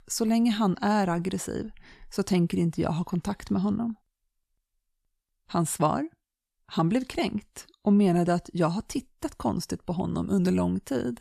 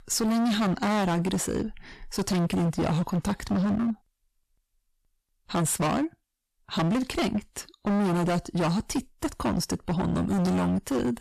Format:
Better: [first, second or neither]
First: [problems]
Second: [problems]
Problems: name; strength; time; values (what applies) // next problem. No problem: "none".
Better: first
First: none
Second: distortion; heavy; 24% of the sound clipped